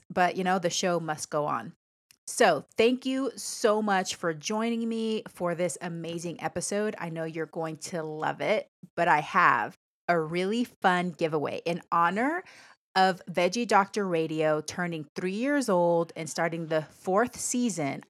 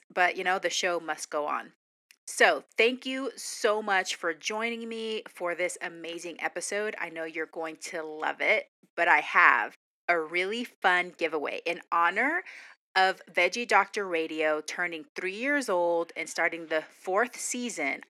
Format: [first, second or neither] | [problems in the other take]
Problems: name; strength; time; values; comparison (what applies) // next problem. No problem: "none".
first | thin; somewhat; fading below 250 Hz